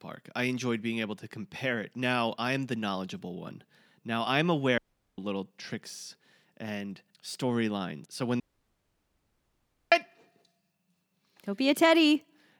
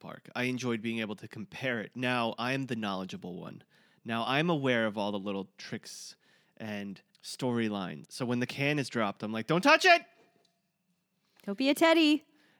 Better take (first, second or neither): second